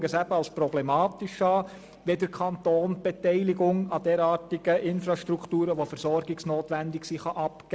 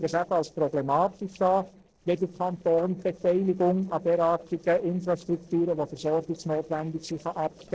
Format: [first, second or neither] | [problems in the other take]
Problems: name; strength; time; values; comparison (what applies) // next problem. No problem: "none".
first | noise reduction (neural separator model SepFormer DNS4)